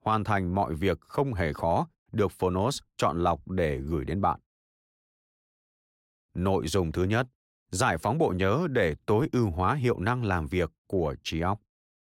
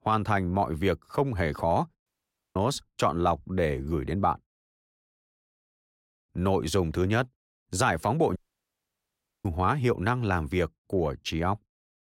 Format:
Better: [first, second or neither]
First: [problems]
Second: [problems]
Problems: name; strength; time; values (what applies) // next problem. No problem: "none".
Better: first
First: none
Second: audio cutting out; at 2 s and at 8.5 s for 1 s